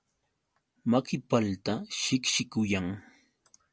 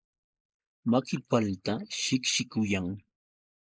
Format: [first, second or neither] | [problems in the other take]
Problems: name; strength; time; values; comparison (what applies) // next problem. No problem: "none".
first | noise reduction (neural mask model Resemble Enhance denoiser)